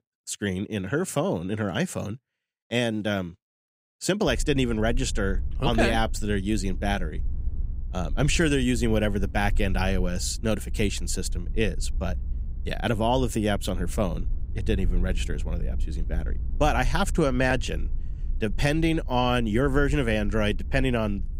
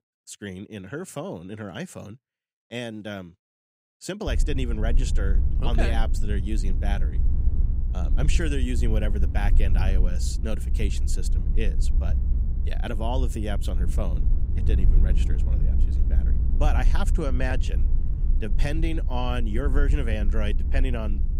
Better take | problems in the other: first | low rumble; loud; from 4.5 s on; 10 dB below the speech; faint in the first

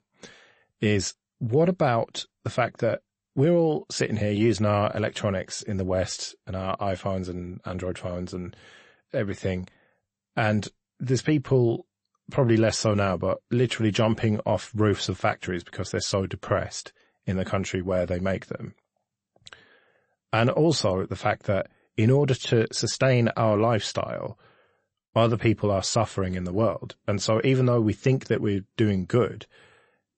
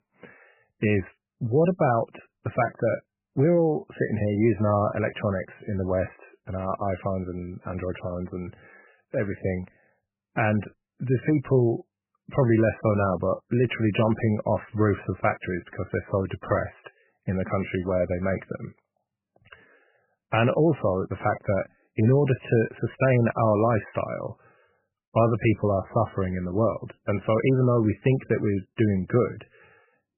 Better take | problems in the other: first | garbled, watery; badly; nothing above 3 kHz; slightly in the first

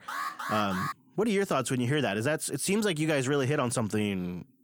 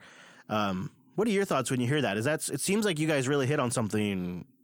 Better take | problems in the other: second | alarm; noticeable; at the start; peak 5 dB below the speech

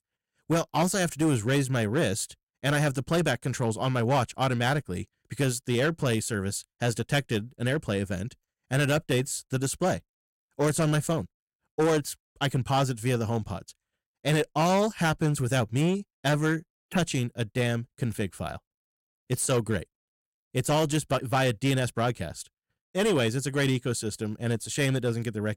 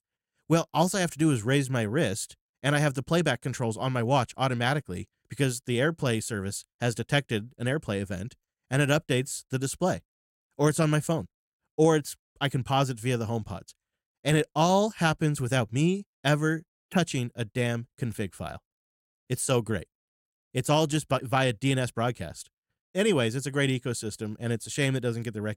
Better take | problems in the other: second | distortion; slight; 7% of the sound clipped

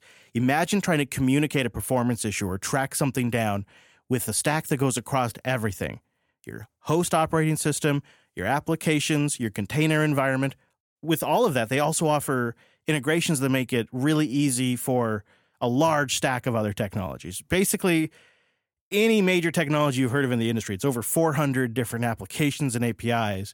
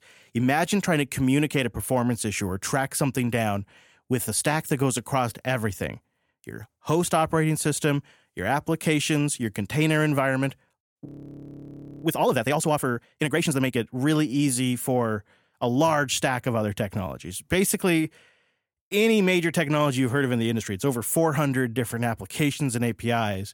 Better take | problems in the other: first | audio freezing; at 11 s for 1 s

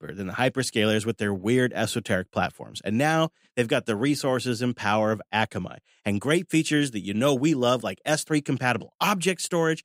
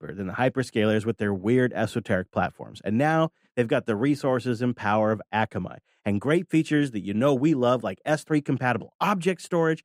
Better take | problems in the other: first | muffled; slightly; fading above 2.5 kHz

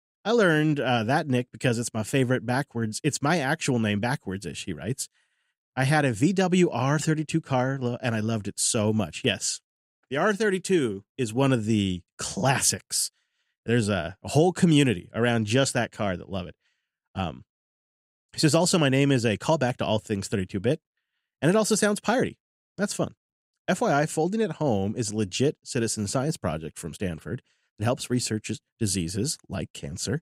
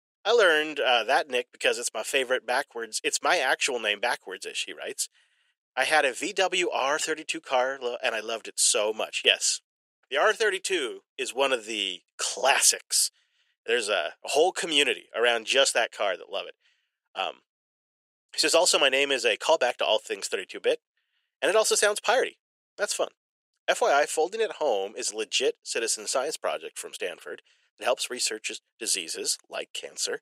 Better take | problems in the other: first | thin; very; fading below 450 Hz

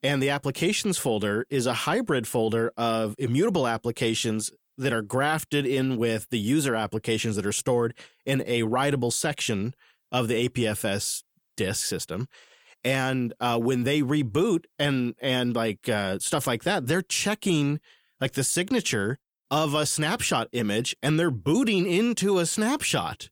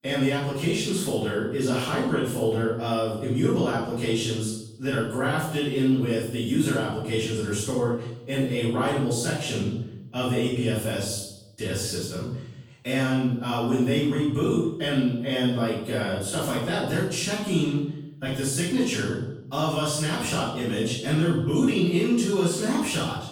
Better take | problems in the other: first | room echo; strong; dies away in 0.7 s // off-mic speech; far

